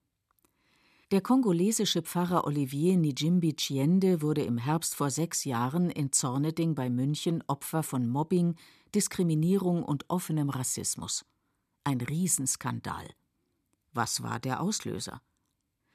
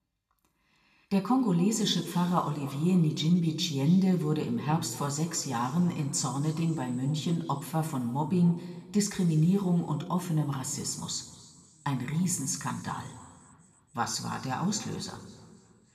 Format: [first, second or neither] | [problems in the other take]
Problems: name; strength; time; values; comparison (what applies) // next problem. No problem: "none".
first | room echo; slight; dies away in 1.9 s // off-mic speech; somewhat distant